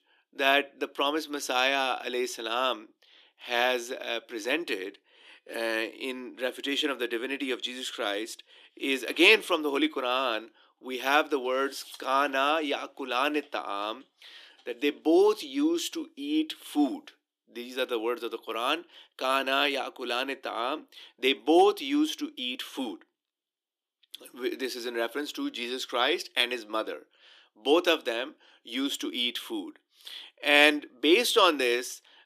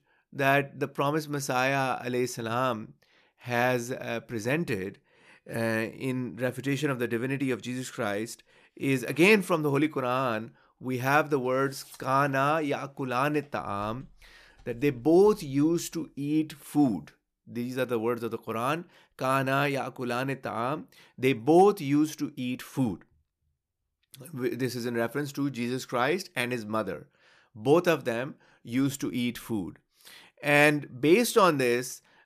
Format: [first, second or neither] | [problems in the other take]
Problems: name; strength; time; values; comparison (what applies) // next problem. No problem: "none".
second | thin; very slightly; fading below 300 Hz